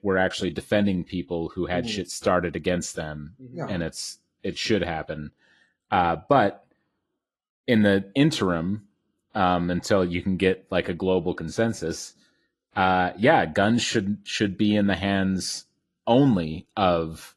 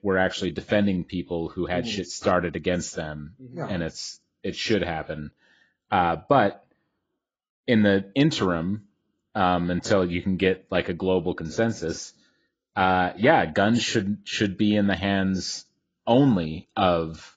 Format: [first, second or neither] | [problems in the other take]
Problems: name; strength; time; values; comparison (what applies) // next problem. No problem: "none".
first | garbled, watery; badly; nothing above 7.5 kHz; slightly in the first